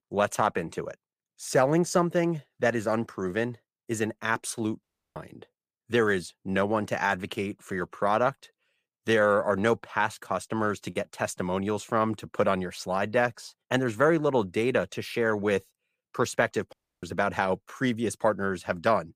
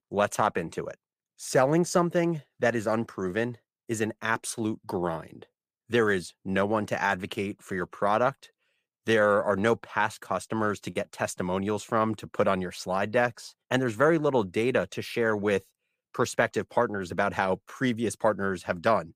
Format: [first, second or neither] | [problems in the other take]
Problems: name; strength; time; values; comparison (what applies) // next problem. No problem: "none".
second | audio cutting out; at 5 s and at 17 s